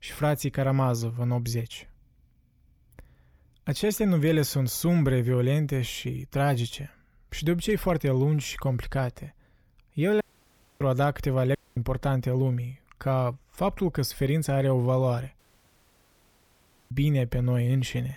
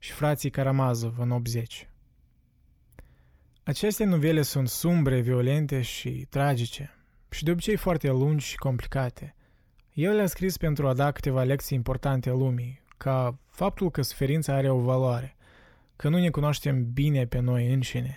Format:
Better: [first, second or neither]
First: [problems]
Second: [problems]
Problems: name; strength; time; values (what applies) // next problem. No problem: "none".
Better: second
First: audio cutting out; at 10 s for 0.5 s, at 12 s and at 15 s for 1.5 s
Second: none